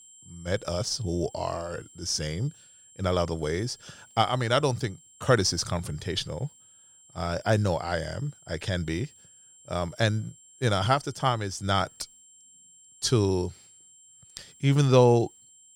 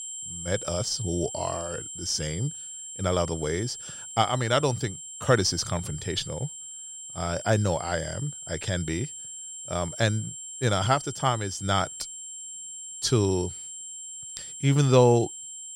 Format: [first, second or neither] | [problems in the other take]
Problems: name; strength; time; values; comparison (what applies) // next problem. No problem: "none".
first | high-pitched whine; loud; throughout; 7.5 kHz, 10 dB below the speech; faint in the first